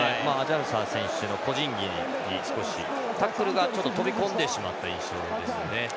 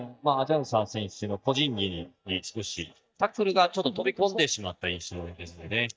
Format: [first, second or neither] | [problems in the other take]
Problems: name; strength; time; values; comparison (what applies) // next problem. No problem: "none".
first | noise reduction (neural mask model DeepFilterNet 3)